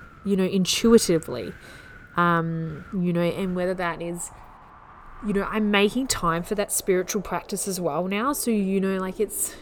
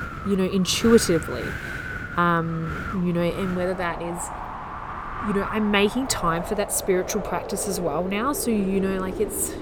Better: first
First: wind in the background; faint; throughout; 25 dB below the speech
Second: wind in the background; loud; throughout; 9 dB below the speech

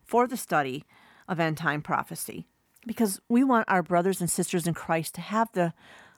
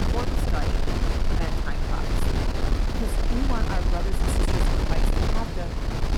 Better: first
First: none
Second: wind noise on the microphone; heavy; 4 dB above the speech

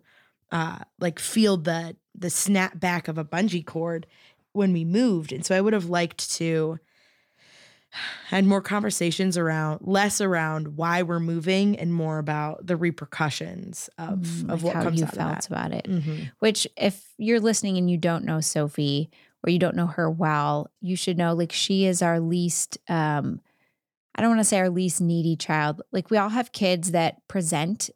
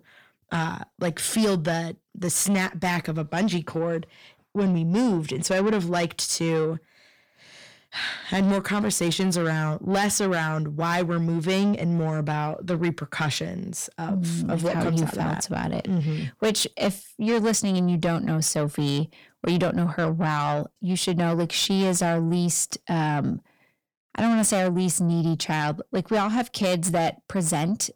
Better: first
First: none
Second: distortion; slight; 10 dB below the speech

